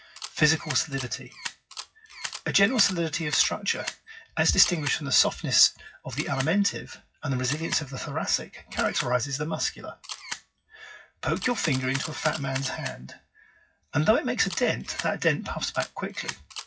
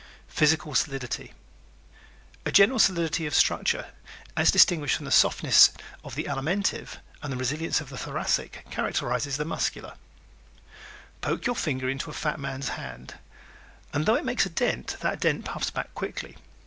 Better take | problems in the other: second | noise reduction (classical method WPE with log-MMSE)

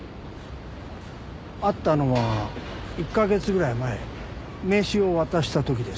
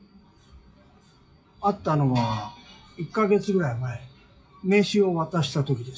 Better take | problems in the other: first | noise reduction (classical method WPE with log-MMSE)

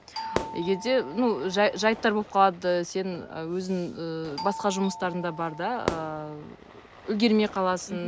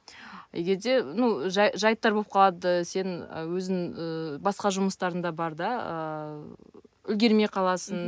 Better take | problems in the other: second | background sound (Doorbell + Fire / Fireworks); 12 dB below the speech

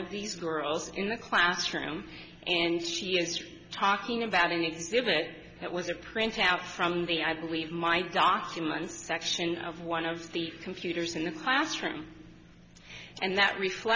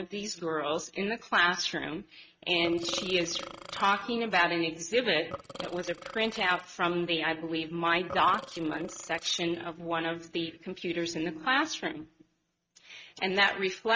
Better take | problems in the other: first | noise reduction (neural mask model RNNoise)

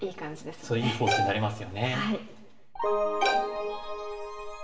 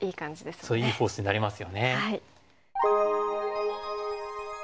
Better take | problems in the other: second | background sound (Bowed string instrument); 1 dB above the speech // room echo; dies away in 0.8 s

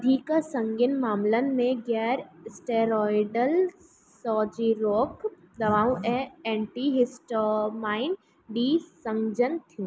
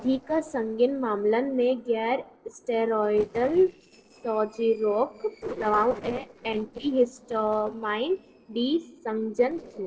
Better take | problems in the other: first | noise reduction (neural separator model SepFormer DNS4)

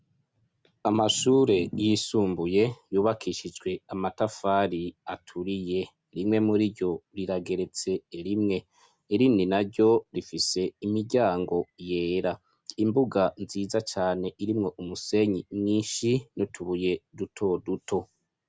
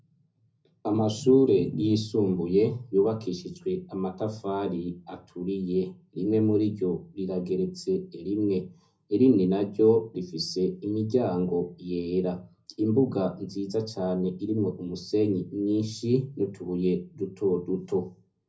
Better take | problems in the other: first | room echo; dies away in 0.4 s

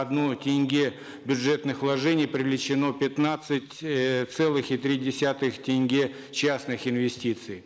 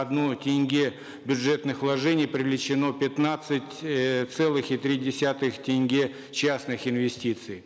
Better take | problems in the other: second | noise reduction (neural mask model Resemble Enhance denoiser)

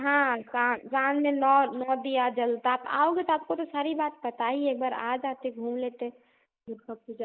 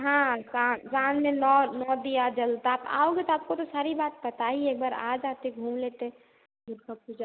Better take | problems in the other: second | noise reduction (neural mask model Resemble Enhance denoiser)

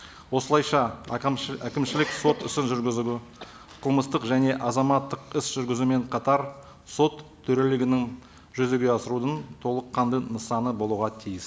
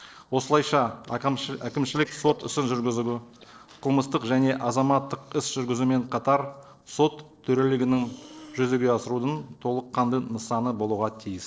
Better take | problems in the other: first | noise reduction (neural separator model SepFormer DNS4)

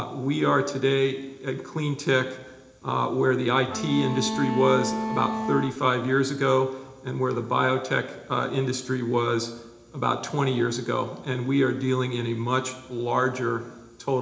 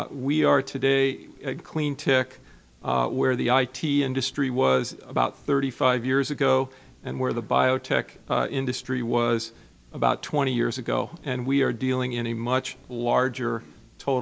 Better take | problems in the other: second | background sound (Bowed string instrument); 4 dB below the speech // room echo; dies away in 0.8 s

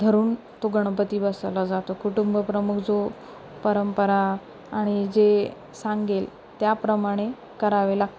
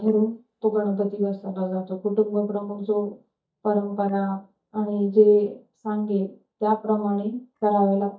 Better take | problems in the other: first | noise reduction (neural mask model DeepFilterNet 3)

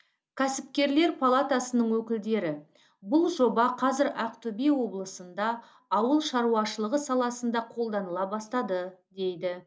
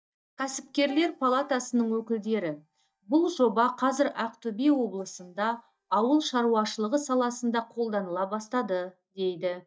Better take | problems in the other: first | noise reduction (neural mask model DeepFilterNet 3)

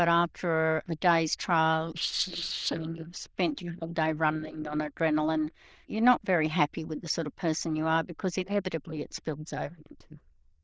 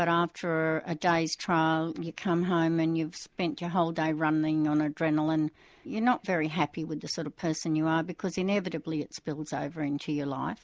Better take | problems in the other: second | noise reduction (neural diffusion model UNIVERSE++)

